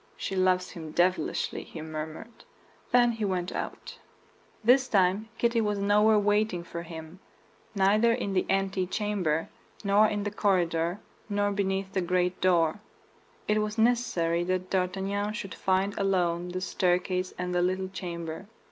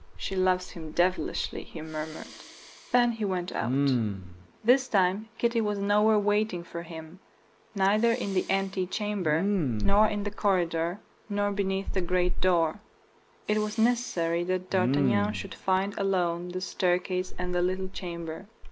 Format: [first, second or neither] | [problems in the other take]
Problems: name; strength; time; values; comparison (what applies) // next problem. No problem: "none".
first | background sound (Respiratory sounds); 3 dB below the speech